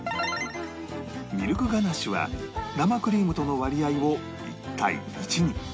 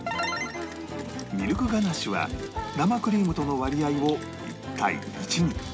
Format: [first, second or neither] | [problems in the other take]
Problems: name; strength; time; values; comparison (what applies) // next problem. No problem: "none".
first | background sound (Rain); 18 dB below the speech